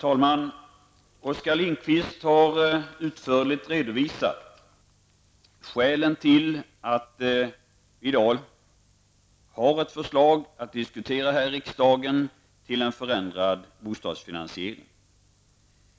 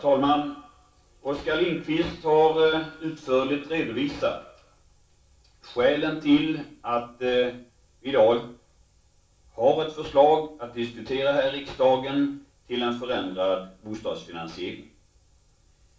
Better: first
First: none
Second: room echo; dies away in 0.3 s

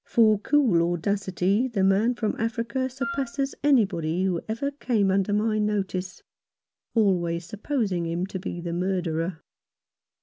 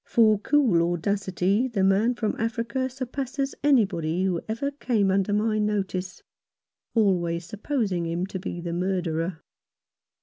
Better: second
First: background sound (Wind instrument, woodwind instrument); 12 dB below the speech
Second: none

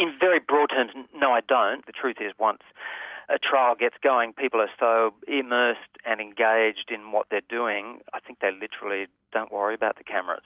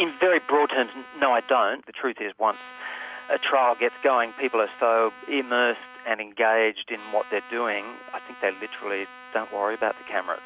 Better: first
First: none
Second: background sound (Trumpet); 20 dB below the speech

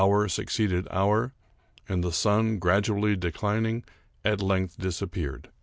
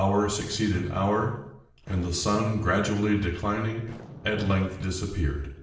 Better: first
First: none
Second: noise reduction (neural separator model SepFormer DNS4)

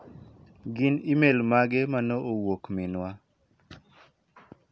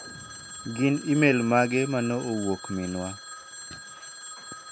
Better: first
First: none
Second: background sound (Telephone); 13 dB below the speech

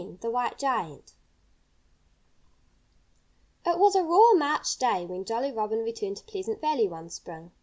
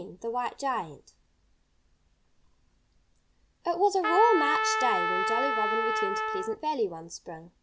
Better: first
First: none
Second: background sound (Trumpet); 2 dB above the speech

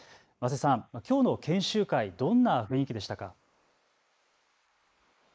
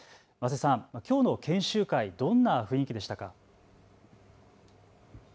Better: second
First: noise reduction (neural mask model Resemble Enhance denoiser)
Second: none

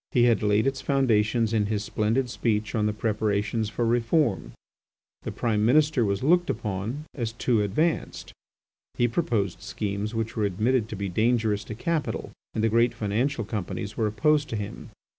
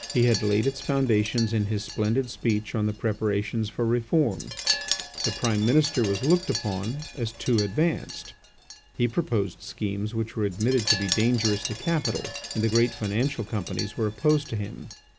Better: first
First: none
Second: background sound (Wind chime); 10 dB below the speech

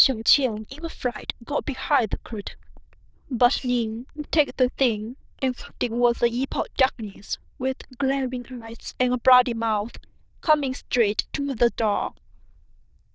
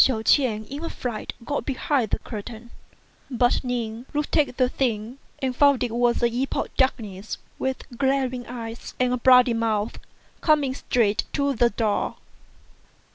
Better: second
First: noise reduction (neural diffusion model UNIVERSE++)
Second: none

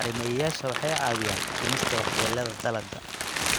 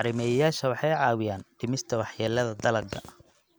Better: second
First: background sound (Crumpling, crinkling); 1 dB above the speech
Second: none

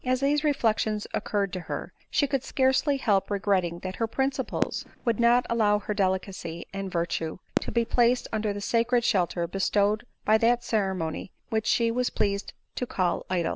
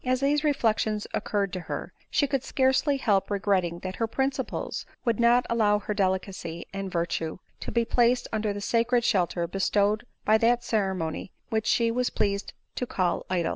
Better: second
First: background sound (Fireworks); 10 dB below the speech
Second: none

